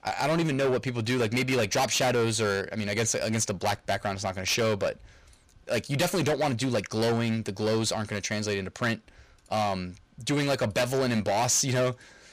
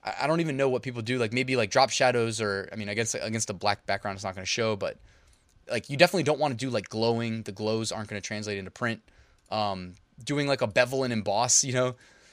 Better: second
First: distortion; heavy; 15% of the sound clipped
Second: none

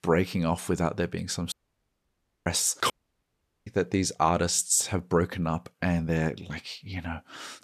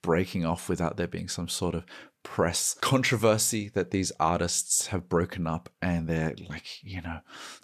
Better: second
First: audio cutting out; at 1.5 s for 1 s and at 3 s for 1 s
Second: none

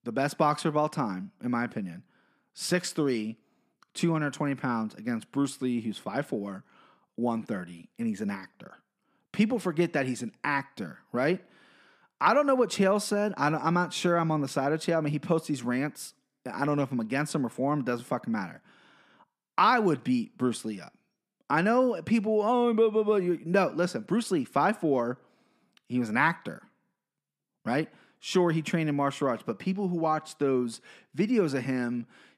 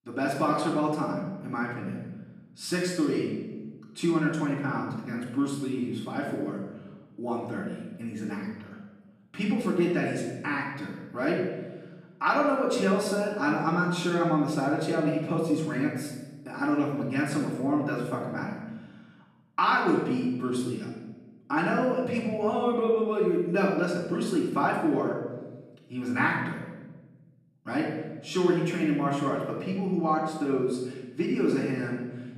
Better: first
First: none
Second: off-mic speech; far // room echo; noticeable; dies away in 1.1 s

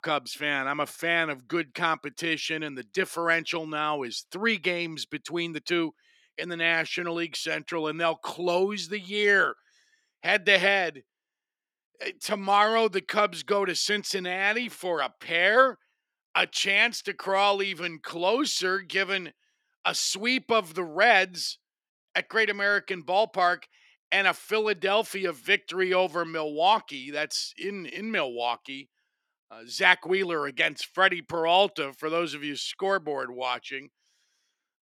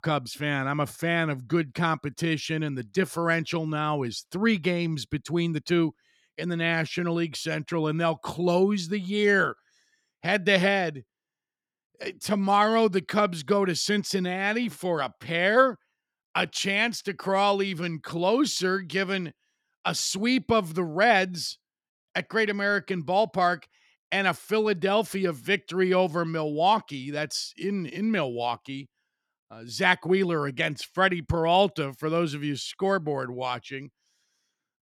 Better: second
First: thin; somewhat; fading below 350 Hz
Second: none

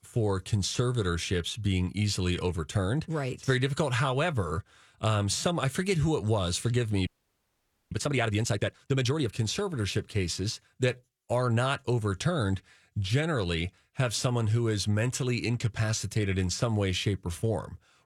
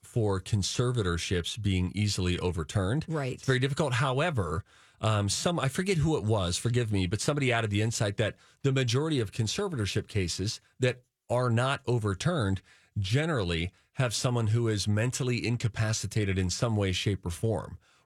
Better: second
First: audio freezing; at 7 s for 1 s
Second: none

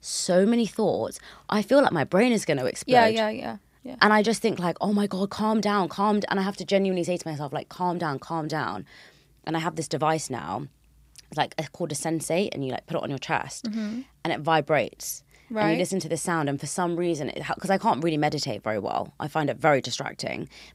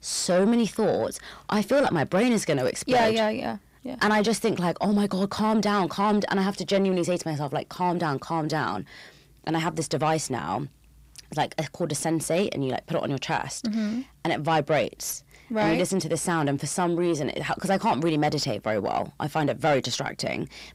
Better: first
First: none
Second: distortion; slight; 10 dB below the speech

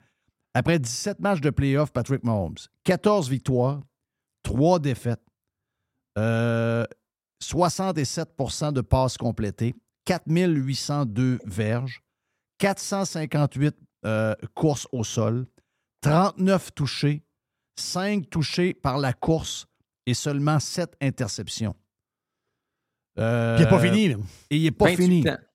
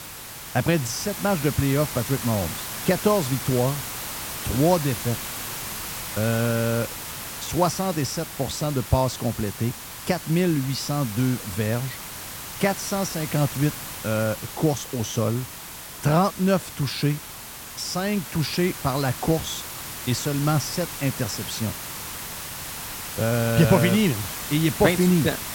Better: first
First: none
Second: hiss; loud; throughout; 8 dB below the speech

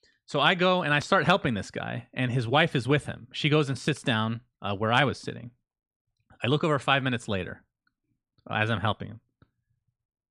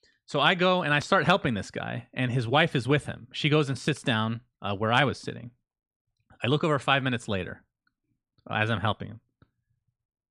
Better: neither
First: none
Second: none

